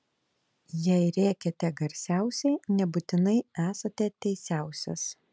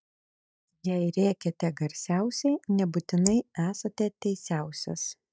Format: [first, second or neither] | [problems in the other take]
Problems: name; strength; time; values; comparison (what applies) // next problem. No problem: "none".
first | noise reduction (neural mask model DeepFilterNet 3)